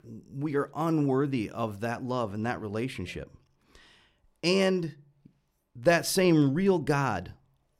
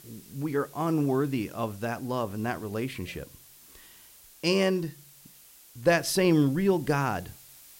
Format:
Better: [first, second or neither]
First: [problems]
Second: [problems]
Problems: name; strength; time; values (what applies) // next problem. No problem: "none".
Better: first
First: none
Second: hiss; faint; throughout; 20 dB below the speech